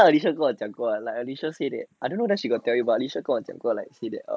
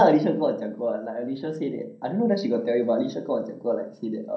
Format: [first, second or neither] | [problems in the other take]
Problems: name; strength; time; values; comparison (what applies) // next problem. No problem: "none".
first | room echo; dies away in 0.6 s